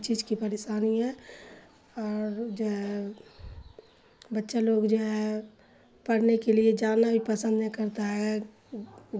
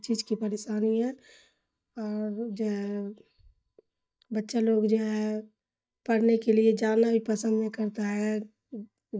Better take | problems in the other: first | noise reduction (neural mask model DeepFilterNet 3)

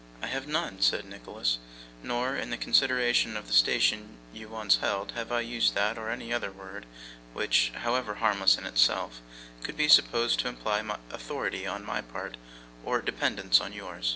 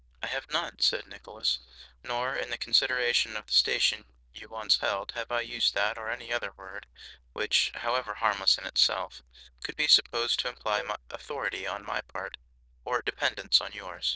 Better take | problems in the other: first | noise reduction (neural diffusion model UNIVERSE++)

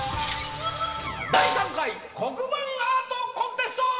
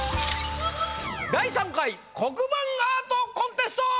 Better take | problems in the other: second | background sound (Snare drum); 4 dB below the speech // room echo; dies away in 2 s

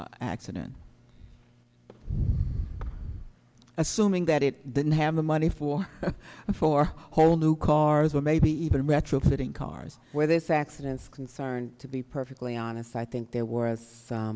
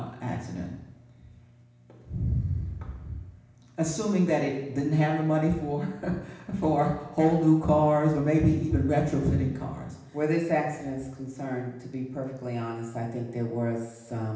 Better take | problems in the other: first | room echo; dies away in 0.9 s

